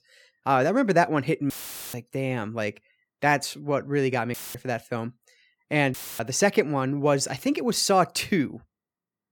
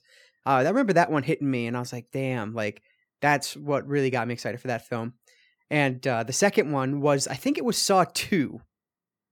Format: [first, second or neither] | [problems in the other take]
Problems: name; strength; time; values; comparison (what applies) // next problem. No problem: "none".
second | audio cutting out; filled with static; at 1.5 s, at 4.5 s and at 6 s